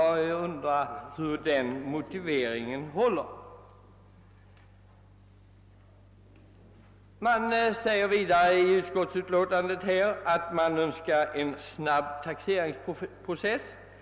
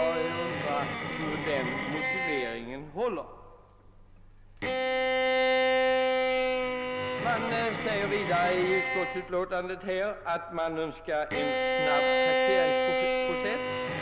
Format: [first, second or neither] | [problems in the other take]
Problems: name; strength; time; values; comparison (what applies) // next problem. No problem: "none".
first | background sound (Bowed string instrument); 4 dB above the speech